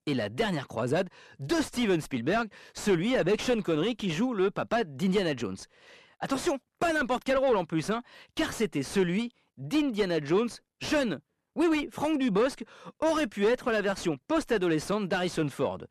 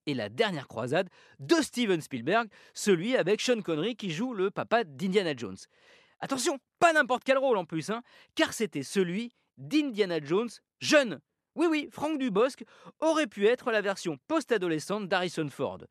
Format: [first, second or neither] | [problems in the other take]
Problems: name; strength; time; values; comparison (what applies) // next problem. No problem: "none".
second | distortion; heavy; 6 dB below the speech